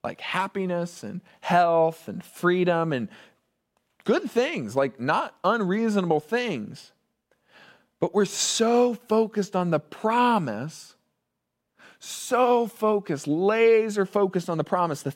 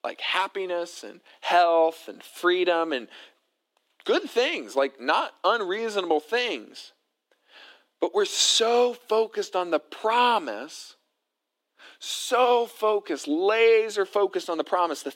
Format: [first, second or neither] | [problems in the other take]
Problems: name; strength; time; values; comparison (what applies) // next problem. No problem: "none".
first | thin; somewhat; fading below 300 Hz